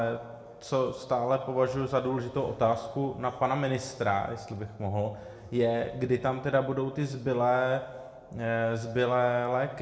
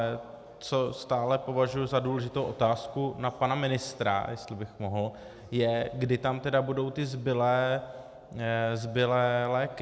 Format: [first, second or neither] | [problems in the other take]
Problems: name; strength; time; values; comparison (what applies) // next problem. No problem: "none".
second | room echo; dies away in 0.6 s